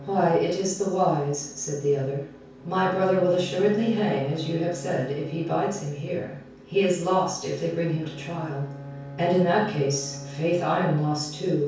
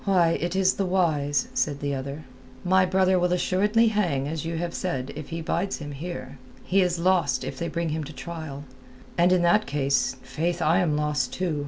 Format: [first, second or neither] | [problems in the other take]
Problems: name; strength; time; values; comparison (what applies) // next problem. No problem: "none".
second | background sound (Bowed string instrument); 15 dB below the speech // room echo; dies away in 0.6 s